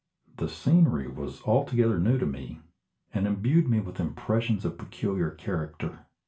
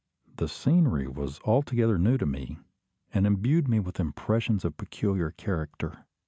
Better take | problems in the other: second | room echo; dies away in 0.3 s

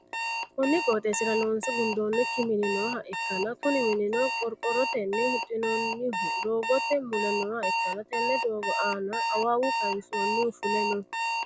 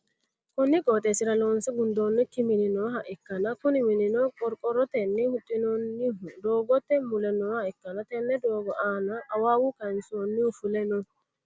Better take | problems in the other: second | background sound (Alarm); 2 dB below the speech

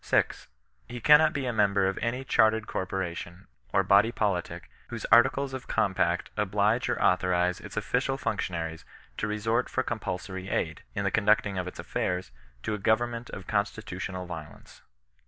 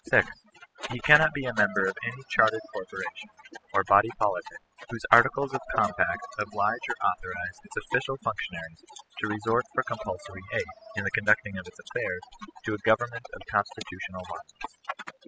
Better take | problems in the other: first | noise reduction (classical method spectral subtraction)

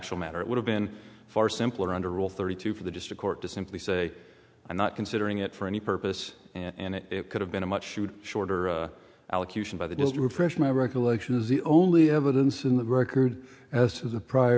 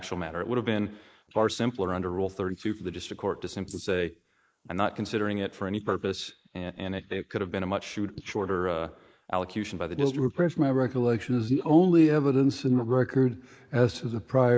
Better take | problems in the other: first | noise reduction (neural mask model Resemble Enhance denoiser)

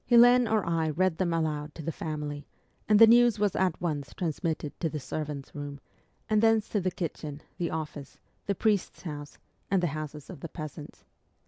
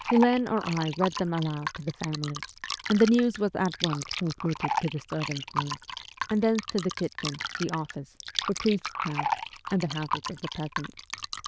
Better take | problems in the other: first | noise reduction (neural diffusion model UNIVERSE++)

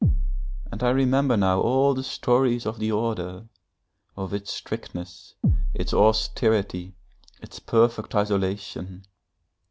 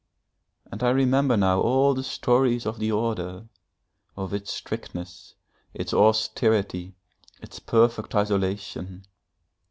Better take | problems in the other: second | background sound (Bass drum); 2 dB below the speech

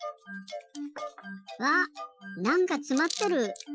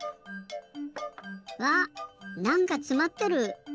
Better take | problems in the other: second | noise reduction (classical method Wiener filter)

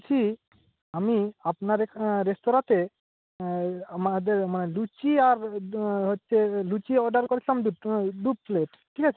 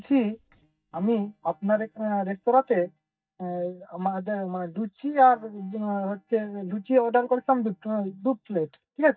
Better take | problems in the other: first | noise reduction (neural mask model DeepFilterNet 3)

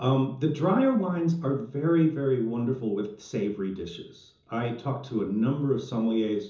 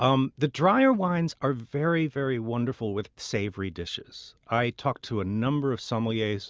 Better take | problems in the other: second | room echo; dies away in 0.6 s

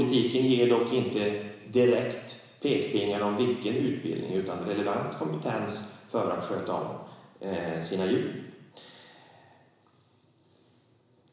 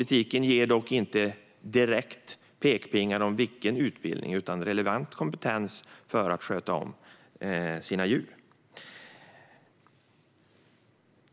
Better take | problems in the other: second | room echo; dies away in 1 s

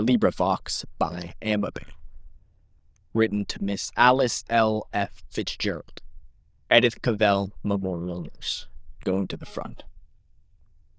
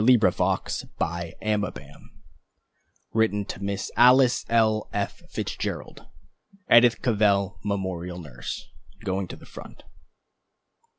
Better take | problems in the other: second | noise reduction (neural diffusion model UNIVERSE++)

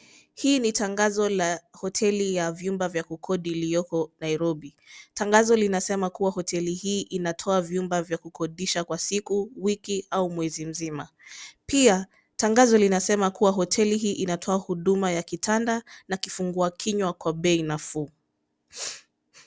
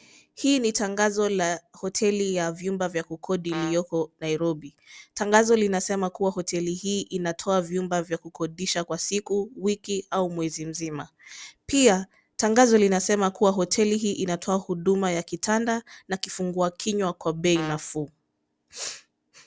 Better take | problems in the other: first | background sound (Brass instrument); 13 dB below the speech

